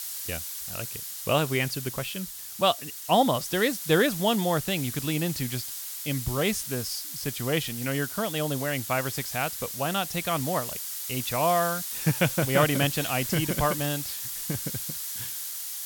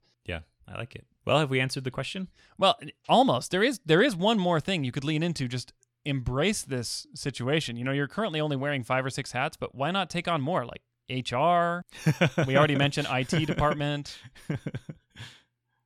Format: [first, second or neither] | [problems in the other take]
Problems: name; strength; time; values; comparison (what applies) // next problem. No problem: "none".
second | hiss; loud; throughout; 5 dB below the speech